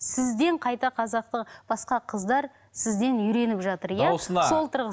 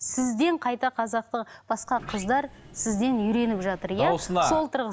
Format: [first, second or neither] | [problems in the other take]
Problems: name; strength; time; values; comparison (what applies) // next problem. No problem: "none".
first | background sound (Sliding door); 19 dB below the speech